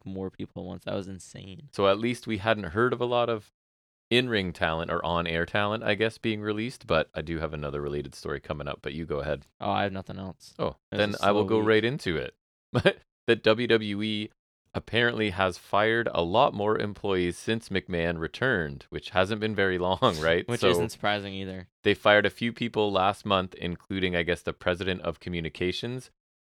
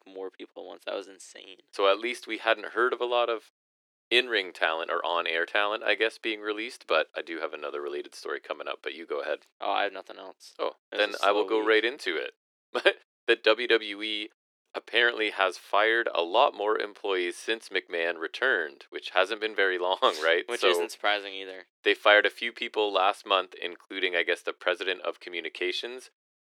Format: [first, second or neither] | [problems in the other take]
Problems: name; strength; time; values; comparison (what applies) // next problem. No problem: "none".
first | thin; very; fading below 300 Hz